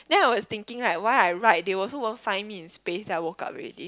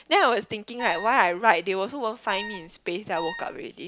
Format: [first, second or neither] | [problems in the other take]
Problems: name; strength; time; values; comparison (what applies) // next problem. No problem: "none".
first | background sound (Wind instrument, woodwind instrument); 12 dB below the speech